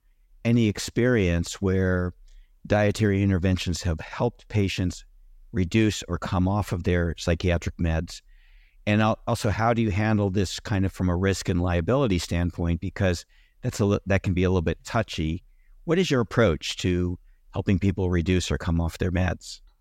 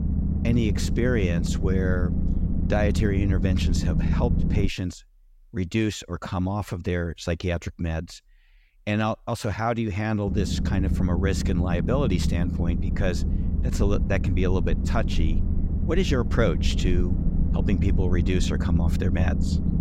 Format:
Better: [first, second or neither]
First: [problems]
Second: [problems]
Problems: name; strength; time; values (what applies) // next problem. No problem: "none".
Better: first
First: none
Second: low rumble; loud; until 4.5 s and from 10 s on; 7 dB below the speech